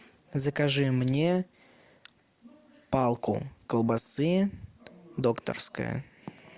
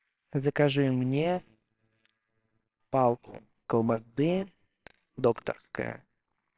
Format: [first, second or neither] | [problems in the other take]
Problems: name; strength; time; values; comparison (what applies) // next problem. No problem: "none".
first | noise reduction (neural separator model SepFormer WHAMR!)